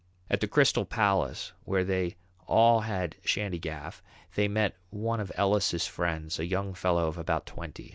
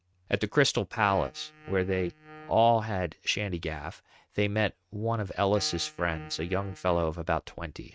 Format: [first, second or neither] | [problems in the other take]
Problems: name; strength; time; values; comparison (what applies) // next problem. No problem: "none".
first | noise reduction (neural mask model RNNoise)